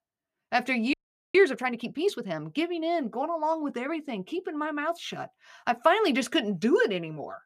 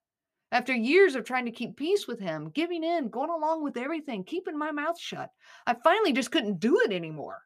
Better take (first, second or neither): second